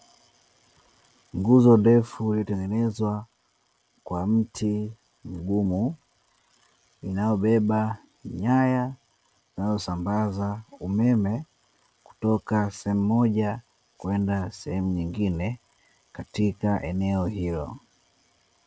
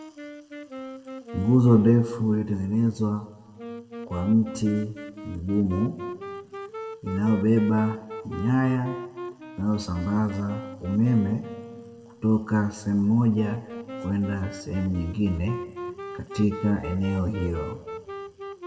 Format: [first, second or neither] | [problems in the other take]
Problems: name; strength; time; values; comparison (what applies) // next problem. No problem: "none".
first | background sound (Wind instrument, woodwind instrument); 13 dB below the speech // room echo; dies away in 1.2 s